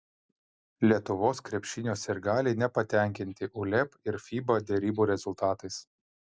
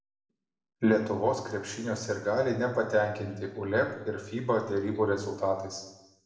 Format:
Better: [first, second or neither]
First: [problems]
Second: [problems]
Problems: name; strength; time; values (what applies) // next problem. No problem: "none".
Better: first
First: none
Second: room echo; dies away in 0.9 s